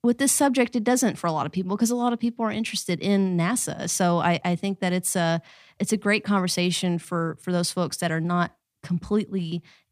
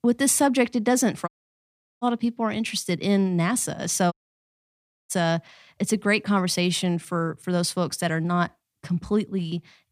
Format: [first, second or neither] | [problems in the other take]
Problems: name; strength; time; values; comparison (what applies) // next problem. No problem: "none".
first | audio cutting out; at 1.5 s for 0.5 s and at 4 s for 1 s